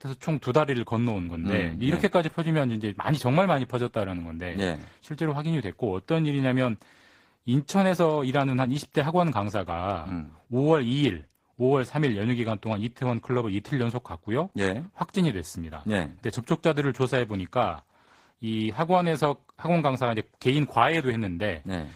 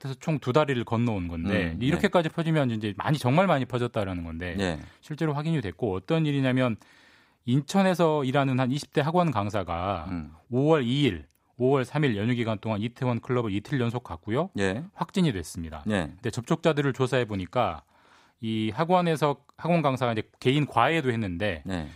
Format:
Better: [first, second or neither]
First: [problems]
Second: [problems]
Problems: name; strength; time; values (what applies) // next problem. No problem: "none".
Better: second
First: garbled, watery; slightly; nothing above 15.5 kHz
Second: none